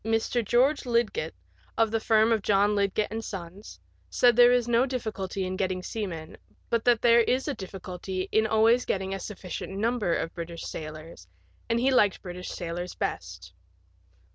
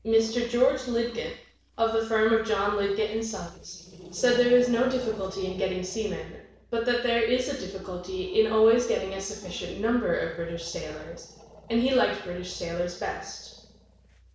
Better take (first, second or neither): first